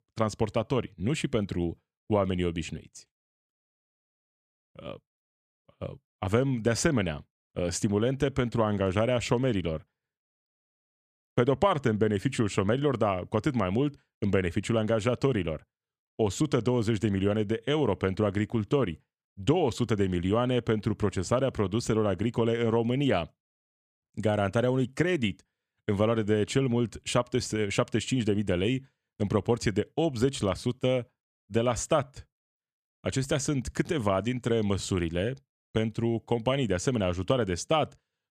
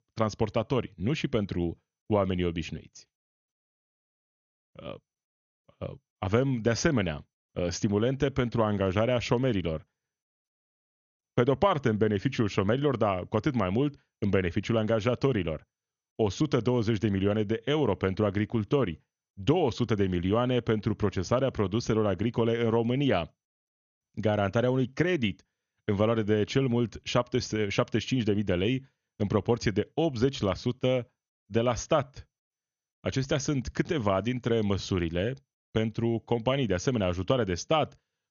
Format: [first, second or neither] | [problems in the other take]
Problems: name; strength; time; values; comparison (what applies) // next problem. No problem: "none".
first | garbled, watery; slightly; nothing above 6.5 kHz